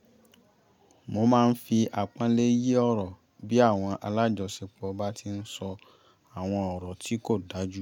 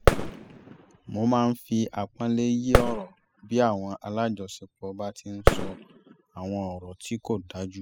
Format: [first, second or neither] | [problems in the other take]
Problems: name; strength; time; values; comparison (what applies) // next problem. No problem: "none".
first | noise reduction (classical method spectral subtraction)